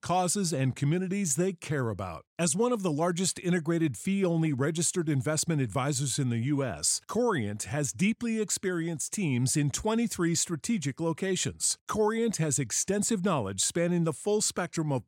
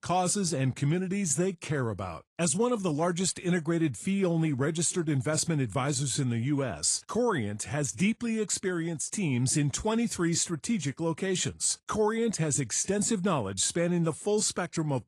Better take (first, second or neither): first